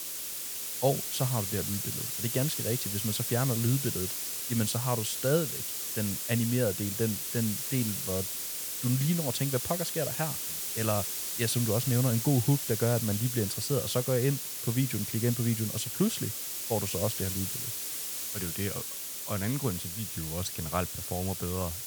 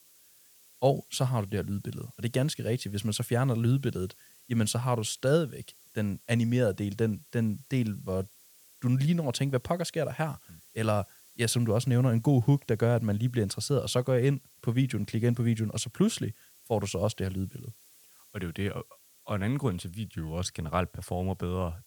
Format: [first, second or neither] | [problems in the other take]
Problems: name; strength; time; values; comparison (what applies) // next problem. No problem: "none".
second | hiss; loud; throughout; 1 dB below the speech; faint in the second